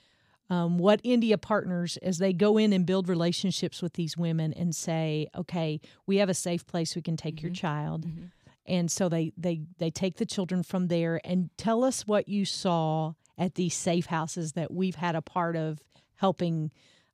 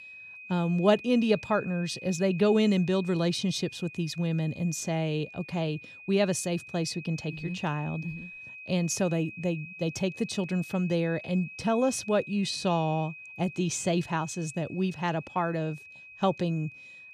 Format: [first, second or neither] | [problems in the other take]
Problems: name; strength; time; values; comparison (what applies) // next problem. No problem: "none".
first | high-pitched whine; noticeable; throughout; 2.5 kHz, 15 dB below the speech